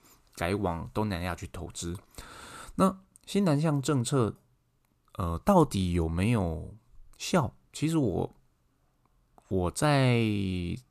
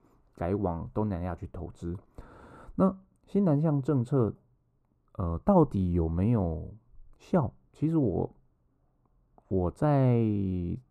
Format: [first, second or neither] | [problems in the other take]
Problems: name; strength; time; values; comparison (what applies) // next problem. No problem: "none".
first | muffled; very; fading above 1.5 kHz